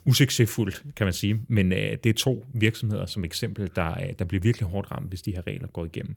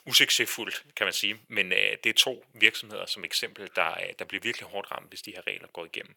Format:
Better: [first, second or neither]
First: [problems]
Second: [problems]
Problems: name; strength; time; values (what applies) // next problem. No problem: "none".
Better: first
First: none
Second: thin; very; fading below 700 Hz